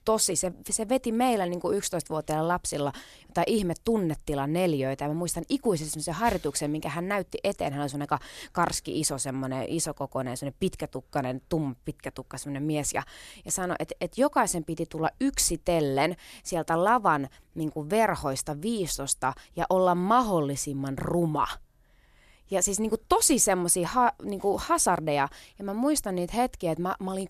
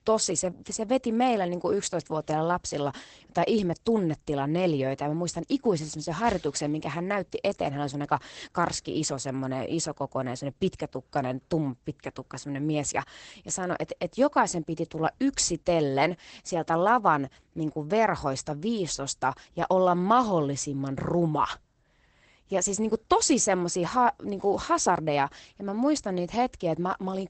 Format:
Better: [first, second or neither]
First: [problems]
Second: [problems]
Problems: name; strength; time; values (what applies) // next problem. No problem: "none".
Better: first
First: none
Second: garbled, watery; badly; nothing above 8 kHz